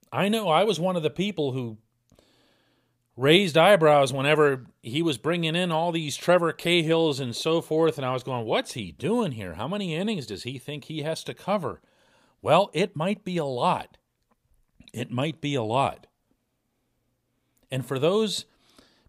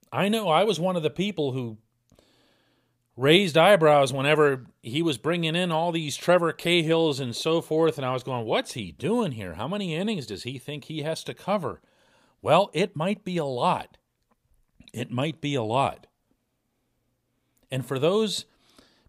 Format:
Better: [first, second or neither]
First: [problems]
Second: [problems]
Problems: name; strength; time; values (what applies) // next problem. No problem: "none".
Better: neither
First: none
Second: none